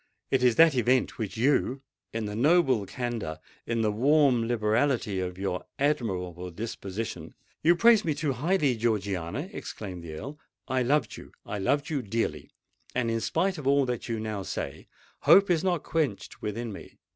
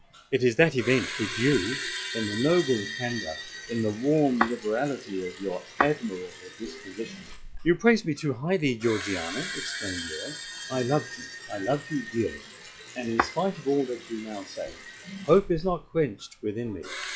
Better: first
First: none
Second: noise reduction (classical method log-MMSE)

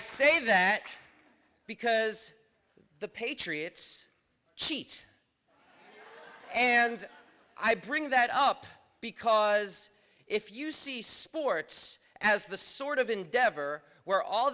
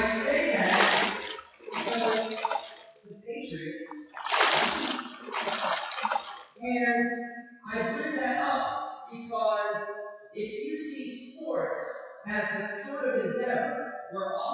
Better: first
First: none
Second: noise reduction (classical method WPE with log-MMSE)

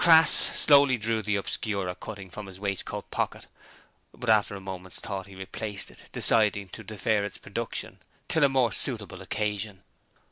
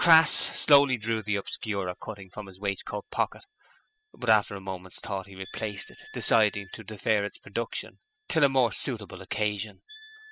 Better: first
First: none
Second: noise reduction (classical method spectral subtraction)

